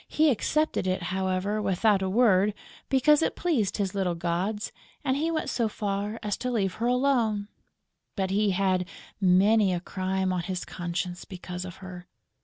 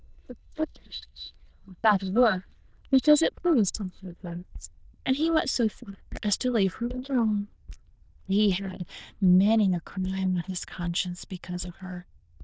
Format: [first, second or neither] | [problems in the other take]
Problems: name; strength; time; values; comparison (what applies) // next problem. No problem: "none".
first | noise reduction (neural diffusion model UNIVERSE++)